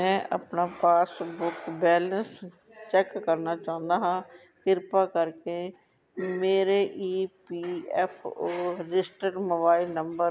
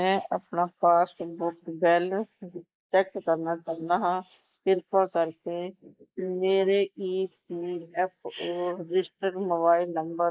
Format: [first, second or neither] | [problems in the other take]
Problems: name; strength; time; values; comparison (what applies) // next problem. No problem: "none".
first | noise reduction (neural mask model Resemble Enhance denoiser)